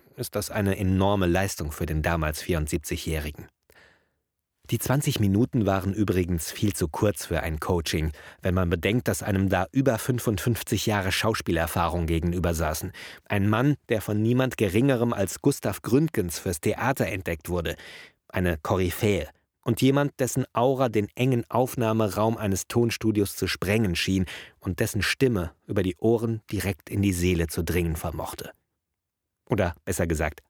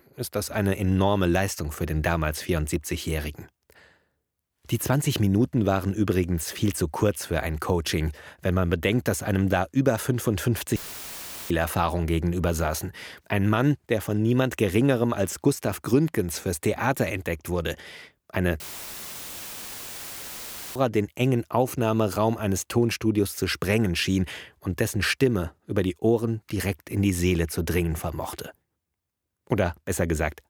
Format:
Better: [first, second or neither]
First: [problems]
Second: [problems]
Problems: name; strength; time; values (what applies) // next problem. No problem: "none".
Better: first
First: none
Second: audio cutting out; filled with static; at 11 s for 0.5 s and at 19 s for 2 s